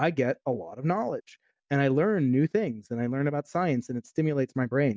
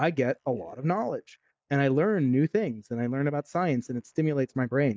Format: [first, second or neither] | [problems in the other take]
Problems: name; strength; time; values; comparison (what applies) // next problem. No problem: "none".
first | noise reduction (neural mask model Resemble Enhance denoiser)